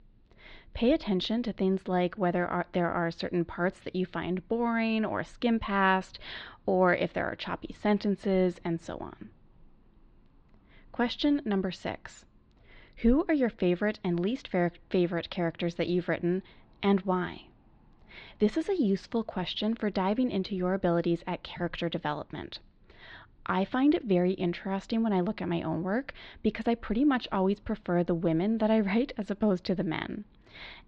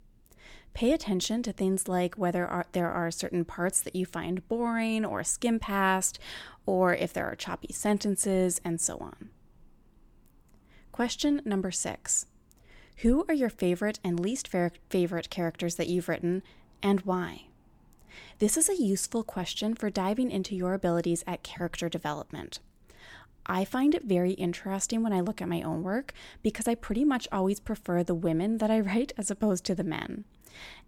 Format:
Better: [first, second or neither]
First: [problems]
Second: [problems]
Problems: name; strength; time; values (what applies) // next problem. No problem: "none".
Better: second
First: muffled; slightly; fading above 4 kHz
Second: none